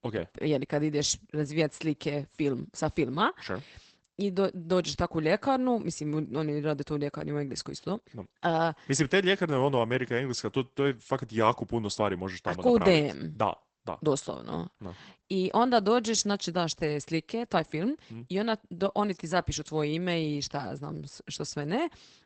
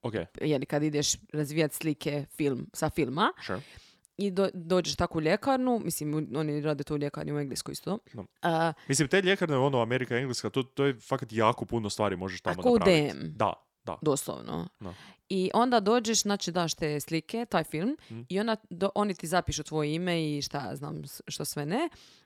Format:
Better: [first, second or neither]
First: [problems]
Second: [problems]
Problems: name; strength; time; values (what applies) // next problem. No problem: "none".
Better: second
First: garbled, watery; badly; nothing above 8 kHz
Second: none